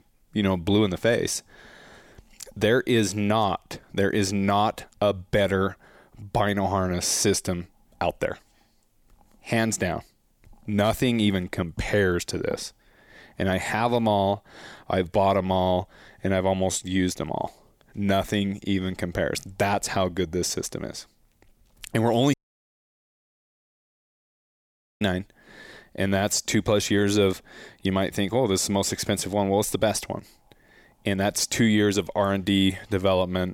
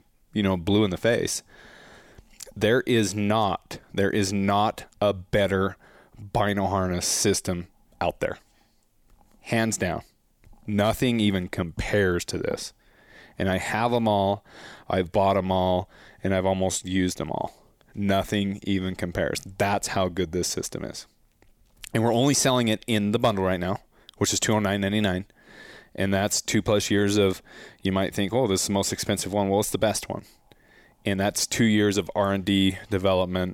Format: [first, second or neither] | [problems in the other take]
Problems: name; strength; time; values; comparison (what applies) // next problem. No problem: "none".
second | audio cutting out; at 22 s for 2.5 s